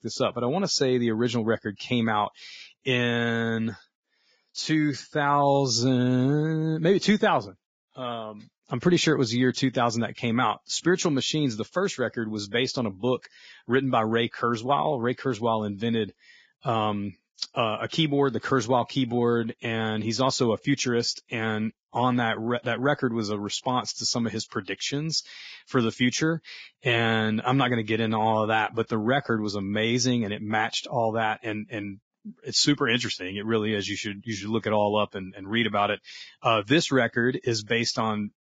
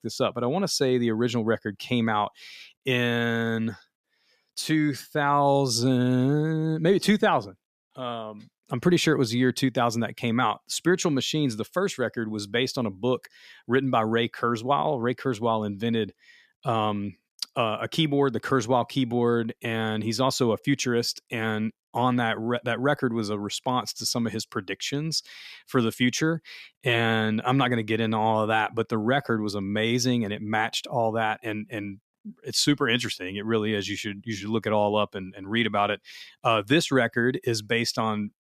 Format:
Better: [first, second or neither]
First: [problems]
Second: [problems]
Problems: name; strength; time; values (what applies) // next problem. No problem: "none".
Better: second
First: garbled, watery; badly; nothing above 7.5 kHz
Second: none